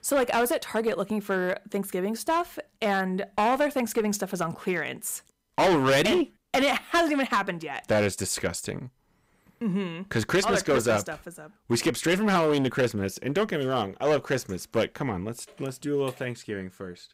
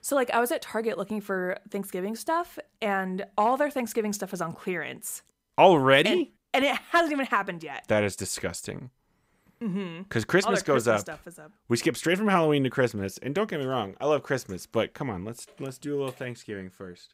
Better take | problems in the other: second | distortion; heavy; 6% of the sound clipped

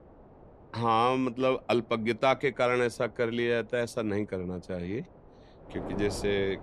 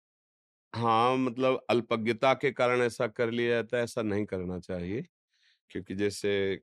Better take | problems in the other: second | wind noise on the microphone; occasional gusts; 20 dB below the speech

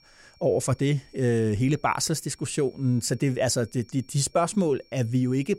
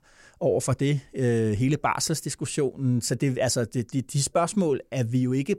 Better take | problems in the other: second | high-pitched whine; faint; throughout; 5.5 kHz, 30 dB below the speech

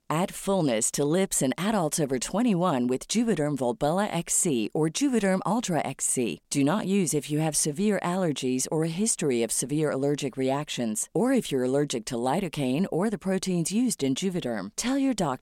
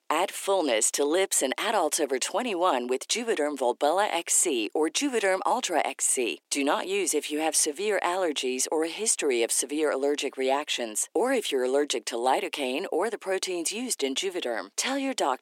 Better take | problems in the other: first | thin; somewhat; fading below 300 Hz

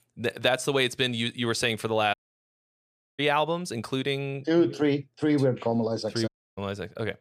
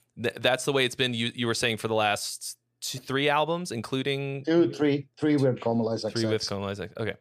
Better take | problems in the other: second | audio cutting out; at 2 s for 1 s and at 6.5 s

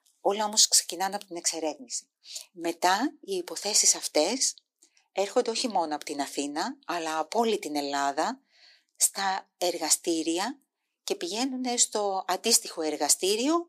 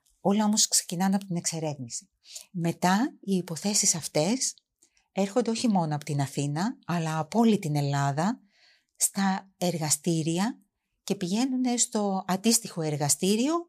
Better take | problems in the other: second | thin; somewhat; fading below 300 Hz

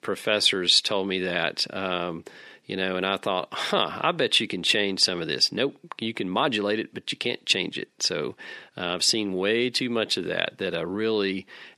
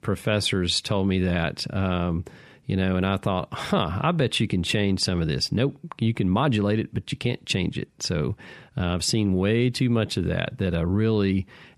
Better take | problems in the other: second | thin; somewhat; fading below 350 Hz

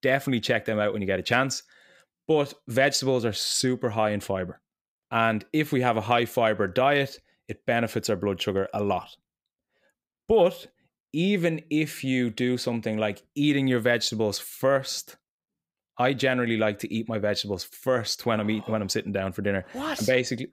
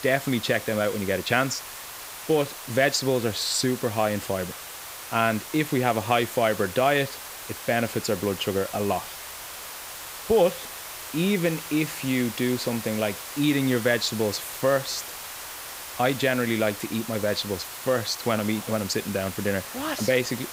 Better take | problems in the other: first | hiss; noticeable; throughout; 10 dB below the speech

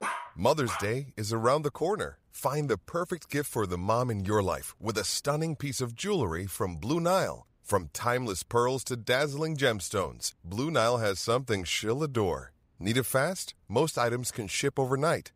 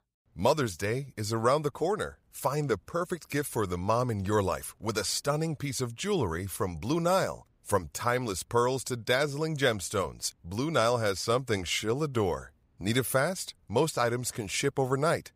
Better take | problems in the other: second | dog barking; noticeable; at the start; peak 5 dB below the speech

